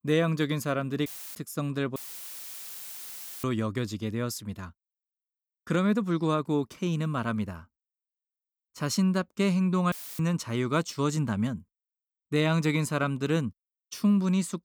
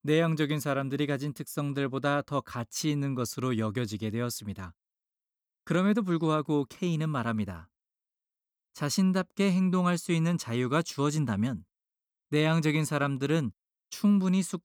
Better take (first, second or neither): second